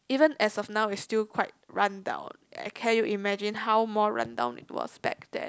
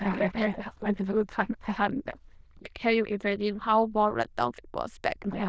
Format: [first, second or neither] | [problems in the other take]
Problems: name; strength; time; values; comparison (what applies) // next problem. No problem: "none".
first | noise reduction (neural diffusion model UNIVERSE++)